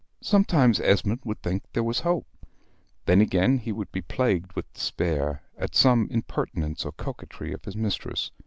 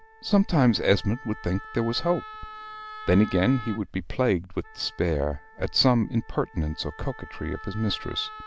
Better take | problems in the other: first | background sound (Wind instrument, woodwind instrument); 17 dB below the speech

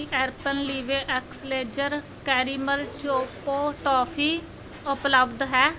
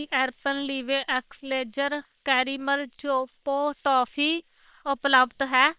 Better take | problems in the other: first | noise reduction (neural separator model SepFormer WHAM!)

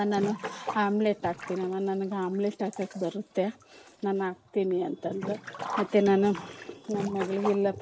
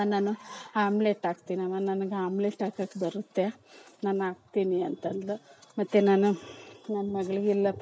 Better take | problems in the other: second | background sound (Sink (filling or washing)); 12 dB below the speech

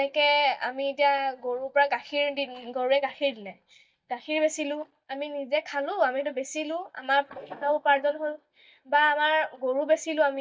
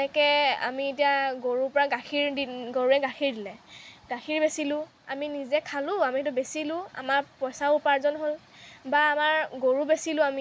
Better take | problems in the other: second | noise reduction (neural mask model DeepFilterNet 3)

